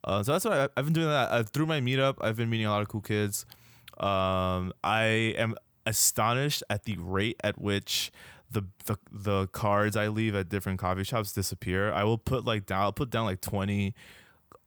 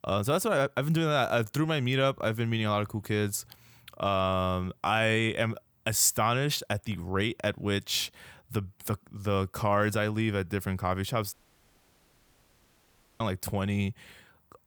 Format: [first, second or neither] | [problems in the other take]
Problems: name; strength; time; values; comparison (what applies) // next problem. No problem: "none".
first | audio cutting out; at 11 s for 2 s